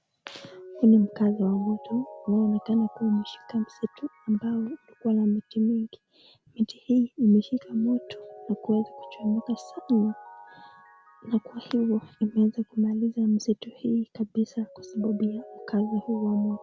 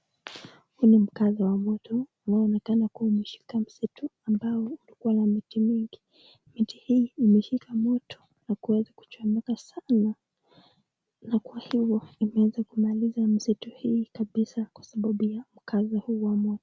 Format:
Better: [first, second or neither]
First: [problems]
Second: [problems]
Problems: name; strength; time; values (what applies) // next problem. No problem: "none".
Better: second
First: background sound (Mallet percussion); 20 dB below the speech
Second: none